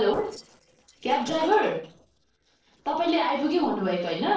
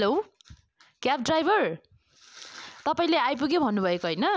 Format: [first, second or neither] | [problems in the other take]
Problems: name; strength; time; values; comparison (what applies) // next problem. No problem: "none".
second | noise reduction (neural separator model SepFormer DNS4)